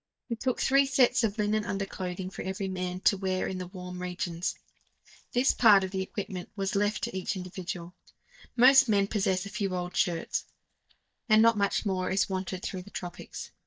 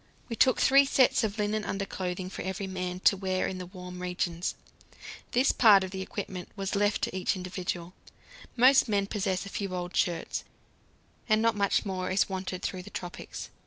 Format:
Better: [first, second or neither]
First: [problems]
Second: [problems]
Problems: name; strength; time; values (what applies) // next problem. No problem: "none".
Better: second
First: noise reduction (neural mask model DeepFilterNet 3)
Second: none